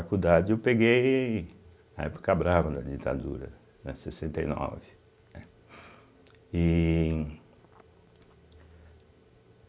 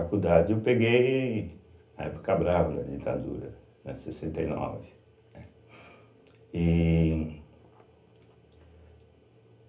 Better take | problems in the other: first | room echo; dies away in 0.3 s

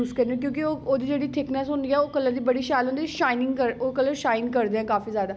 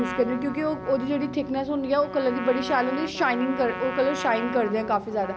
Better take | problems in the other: first | background sound (Trumpet); 10 dB below the speech

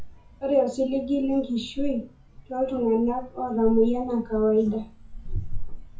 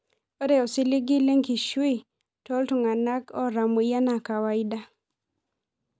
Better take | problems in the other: second | noise reduction (classical method WPE with log-MMSE)

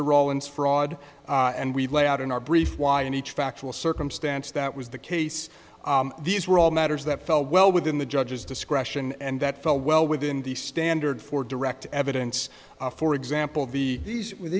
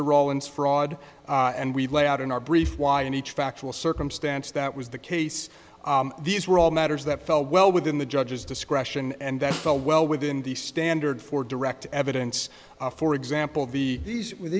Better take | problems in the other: first | background sound (Snare drum); 14 dB below the speech

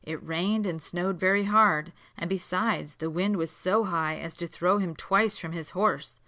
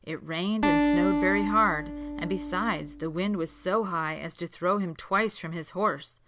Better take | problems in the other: first | background sound (Acoustic guitar); 1 dB below the speech

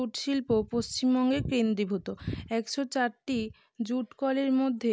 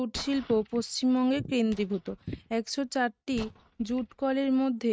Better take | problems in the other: first | noise reduction (neural mask model RNNoise)

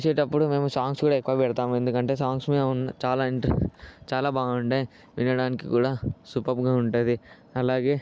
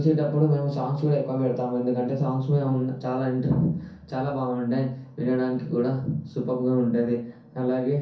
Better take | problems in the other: first | room echo; dies away in 0.6 s

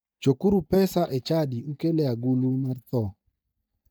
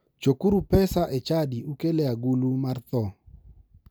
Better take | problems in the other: second | noise reduction (neural mask model DeepFilterNet 3)

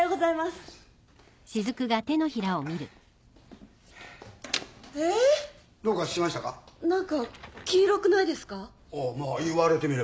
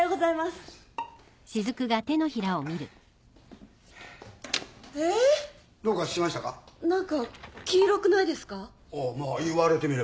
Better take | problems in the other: first | background sound (Bowed string instrument); 18 dB below the speech

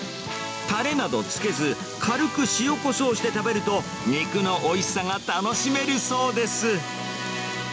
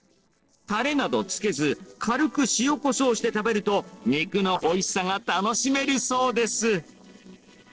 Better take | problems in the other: first | noise reduction (neural separator model SepFormer DNS4)

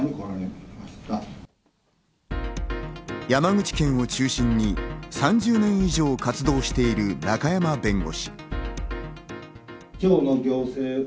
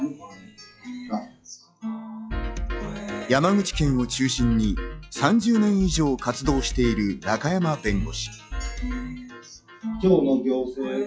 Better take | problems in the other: first | noise reduction (classical method log-MMSE)

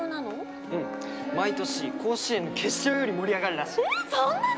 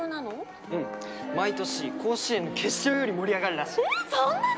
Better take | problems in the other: second | background sound (Bowed string instrument); 13 dB below the speech

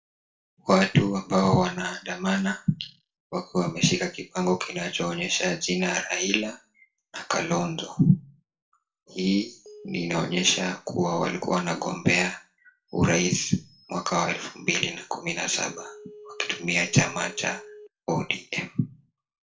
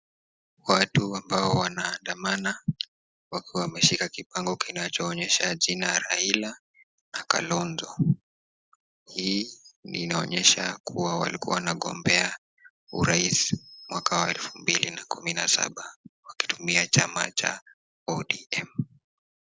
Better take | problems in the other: second | background sound (Telephone); 18 dB below the speech // room echo; dies away in 0.3 s

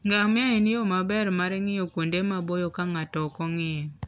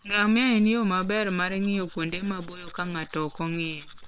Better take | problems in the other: first | noise reduction (neural separator model SepFormer WHAM!)

